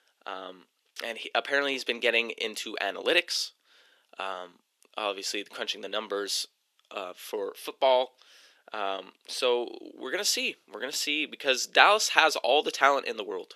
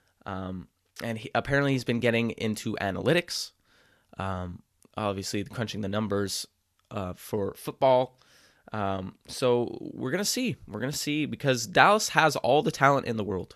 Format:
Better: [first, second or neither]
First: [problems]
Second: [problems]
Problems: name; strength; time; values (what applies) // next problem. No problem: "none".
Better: second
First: thin; somewhat; fading below 350 Hz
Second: none